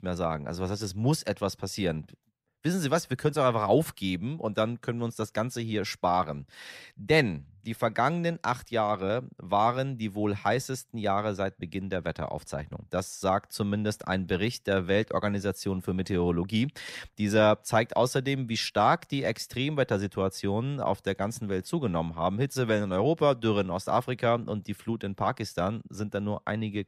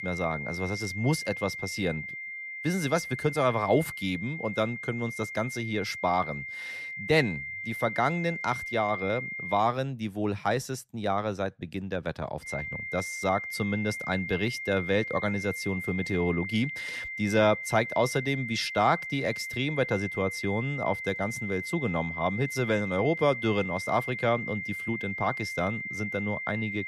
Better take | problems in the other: first | high-pitched whine; loud; until 9.5 s and from 12 s on; 2 kHz, 5 dB below the speech

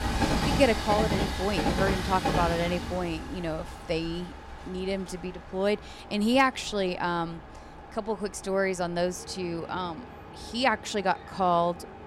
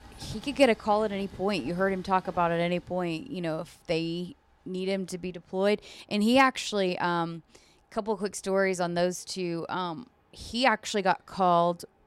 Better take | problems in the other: second | train or aircraft noise; loud; throughout; 4 dB below the speech; faint in the second

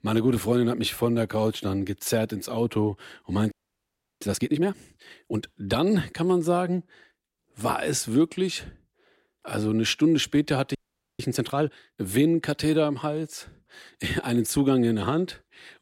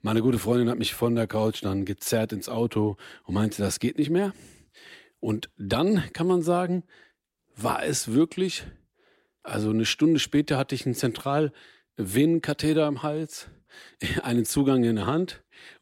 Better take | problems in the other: second | audio freezing; at 3.5 s for 0.5 s and at 11 s

